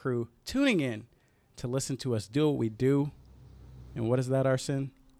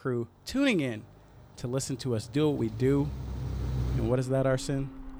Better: first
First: traffic noise; faint; throughout; 25 dB below the speech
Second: traffic noise; loud; throughout; 8 dB below the speech

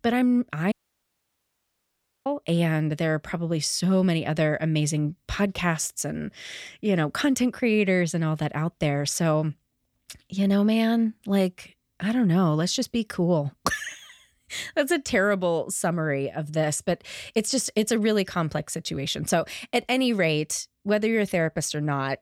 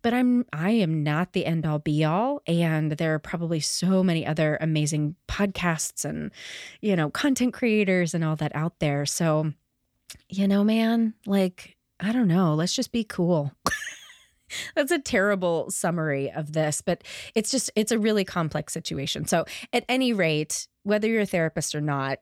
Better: second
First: audio cutting out; at 0.5 s for 1.5 s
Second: none

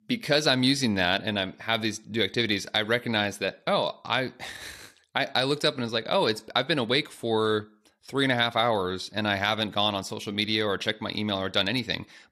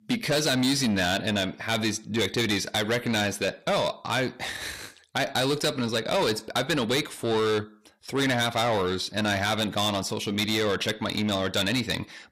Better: first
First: none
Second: distortion; heavy; 7 dB below the speech

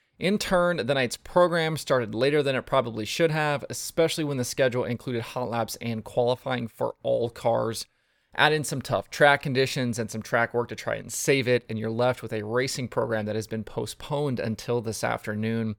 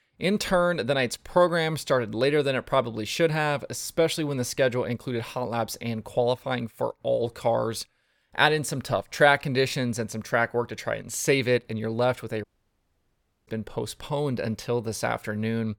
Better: first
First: none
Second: audio cutting out; at 12 s for 1 s

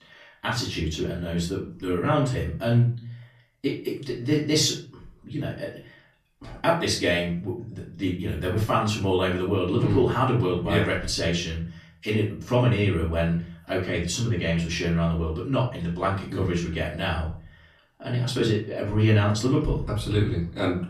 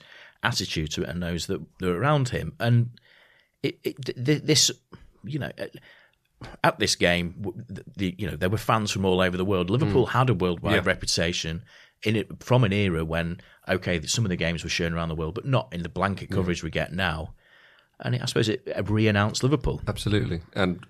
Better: second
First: off-mic speech; far // room echo; slight; dies away in 0.4 s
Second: none

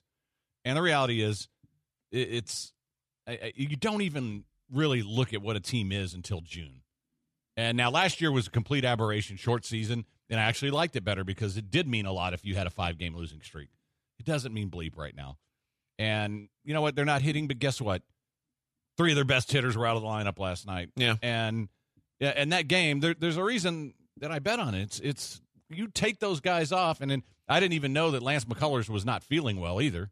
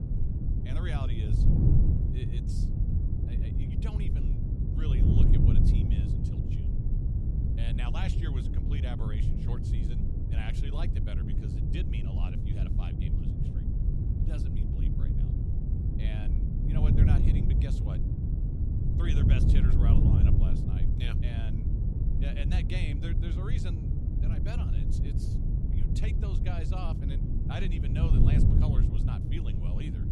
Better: first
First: none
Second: wind noise on the microphone; heavy; 3 dB above the speech

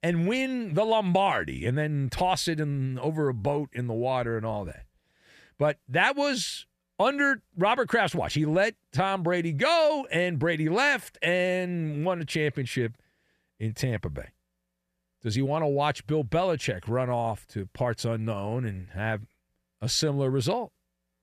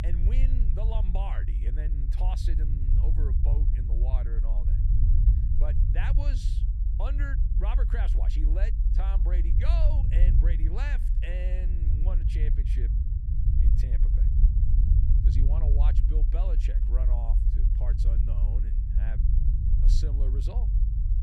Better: first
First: none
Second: low rumble; loud; throughout; 3 dB below the speech

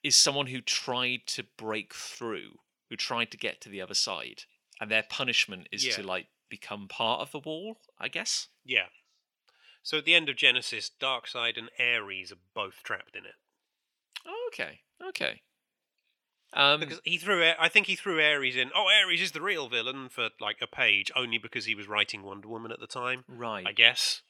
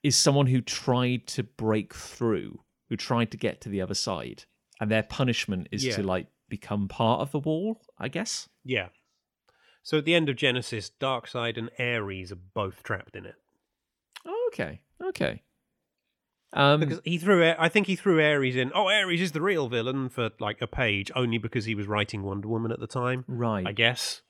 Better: second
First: thin; somewhat; fading below 950 Hz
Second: none

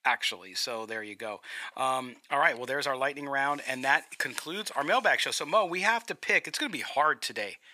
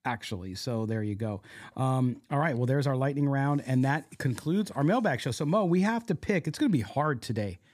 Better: second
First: thin; very; fading below 800 Hz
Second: none

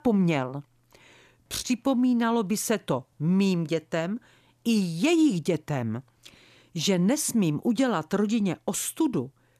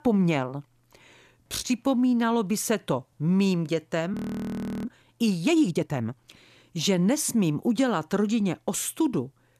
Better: first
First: none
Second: audio freezing; at 4 s for 0.5 s

